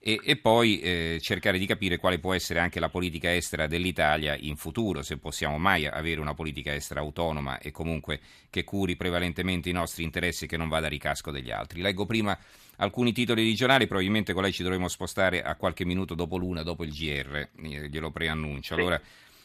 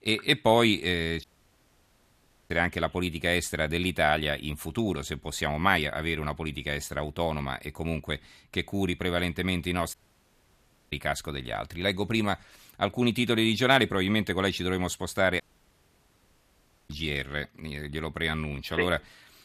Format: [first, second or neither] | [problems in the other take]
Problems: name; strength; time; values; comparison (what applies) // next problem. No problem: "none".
first | audio cutting out; at 1 s for 1.5 s, at 10 s for 1 s and at 15 s for 1.5 s